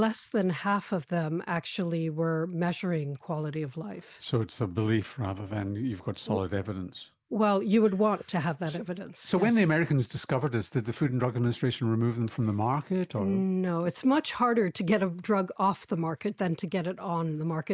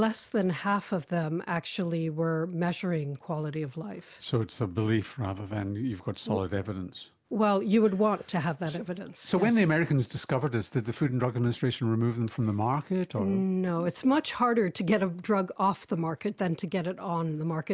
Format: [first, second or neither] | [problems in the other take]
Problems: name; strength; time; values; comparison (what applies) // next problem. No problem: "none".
second | noise reduction (neural mask model Resemble Enhance denoiser)